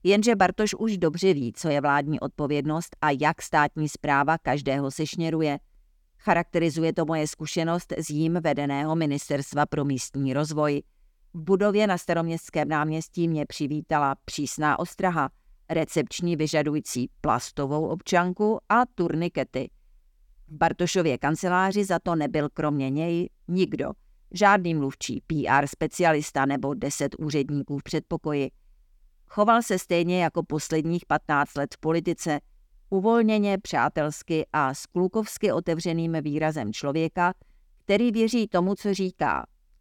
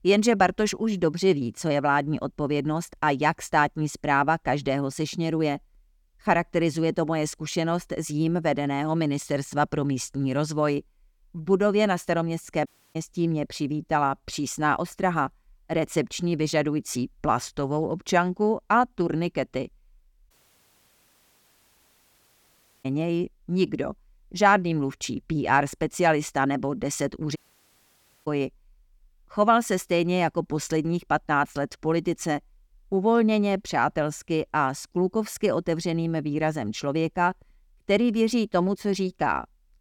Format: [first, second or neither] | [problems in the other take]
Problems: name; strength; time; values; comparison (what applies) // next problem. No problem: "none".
first | audio cutting out; at 13 s, at 20 s for 2.5 s and at 27 s for 1 s